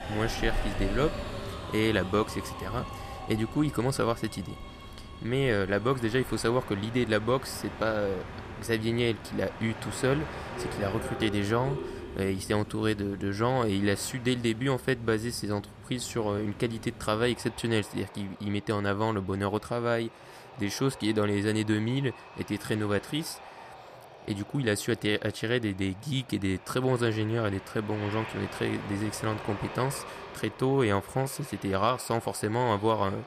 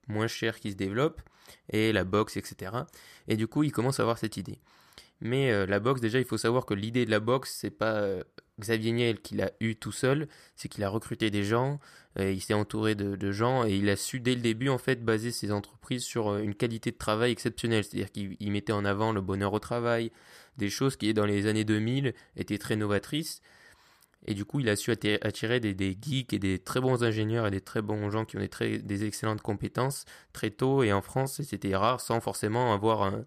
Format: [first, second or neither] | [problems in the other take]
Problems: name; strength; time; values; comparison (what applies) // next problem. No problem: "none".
second | train or aircraft noise; noticeable; throughout; 10 dB below the speech